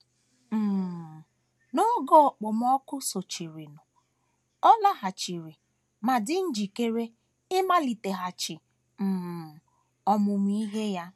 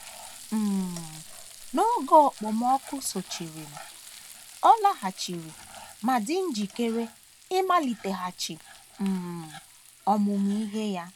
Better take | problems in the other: first | background sound (Frying (food)); 19 dB below the speech

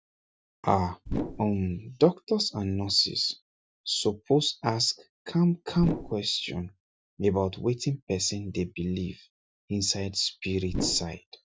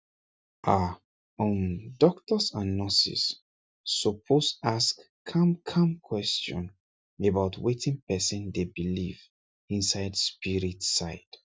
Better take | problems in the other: second | background sound (Whoosh, swoosh, swish); 2 dB below the speech

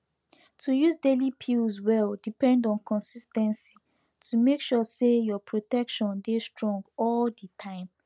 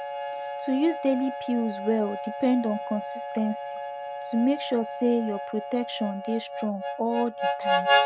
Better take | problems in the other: first | background sound (Harmonica); 3 dB below the speech

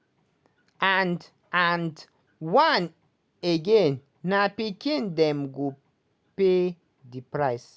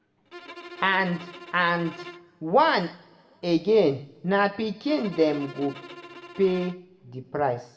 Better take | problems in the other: first | background sound (Bowed string instrument); 17 dB below the speech // room echo; dies away in 0.9 s

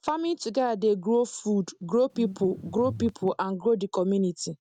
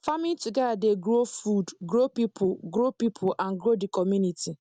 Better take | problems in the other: second | background sound (Bass guitar); 12 dB below the speech

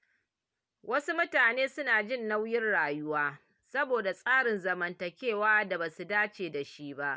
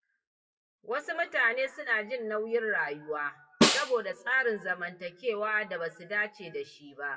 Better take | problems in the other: first | noise reduction (classical method WPE with log-MMSE)

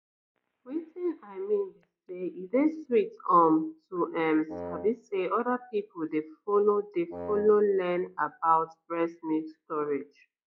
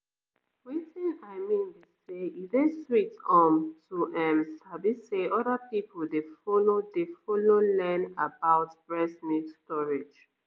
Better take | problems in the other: second | noise reduction (classical method log-MMSE)

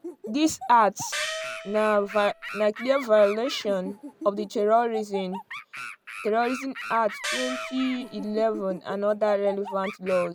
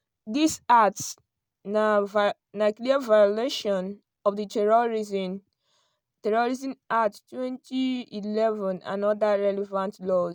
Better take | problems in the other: second | background sound (Animal + Gong); 11 dB below the speech

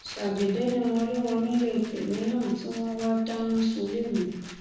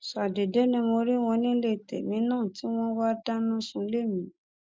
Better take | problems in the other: second | background sound (Rattle); 19 dB below the speech // room echo; dies away in 1.1 s

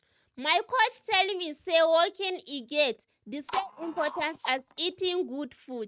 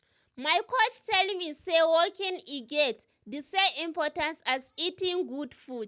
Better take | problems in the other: second | noise reduction (neural mask model RNNoise)

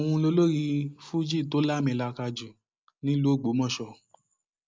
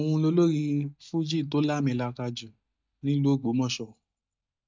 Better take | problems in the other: first | noise reduction (neural mask model DeepFilterNet 3)

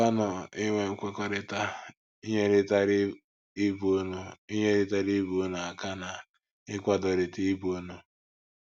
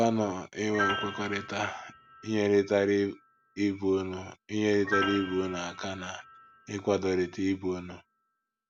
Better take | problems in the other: first | background sound (Piano); 10 dB below the speech

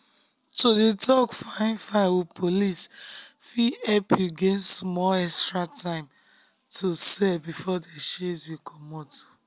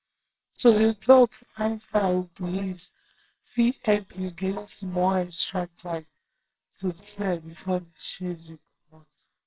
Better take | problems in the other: first | noise reduction (neural separator model SepFormer WHAMR!)

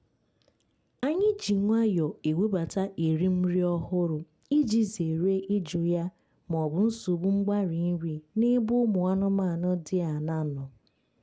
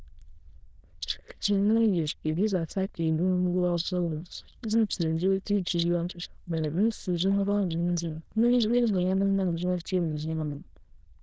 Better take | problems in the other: first | noise reduction (neural diffusion model UNIVERSE++)

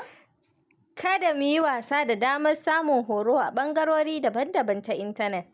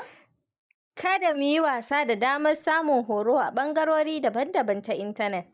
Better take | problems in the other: first | noise reduction (neural mask model Resemble Enhance denoiser)

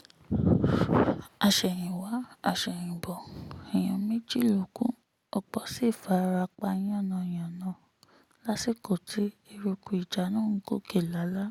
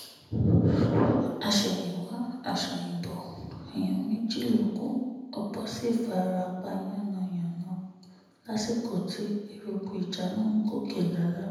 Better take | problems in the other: first | room echo; dies away in 1 s

